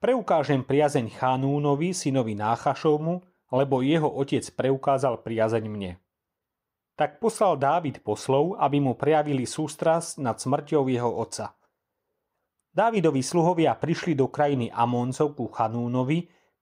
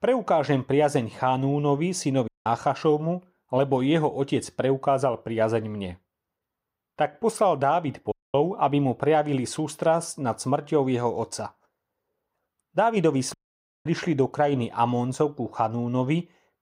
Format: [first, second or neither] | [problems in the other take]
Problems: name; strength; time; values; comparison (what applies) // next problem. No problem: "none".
first | audio cutting out; at 2.5 s, at 8 s and at 13 s for 0.5 s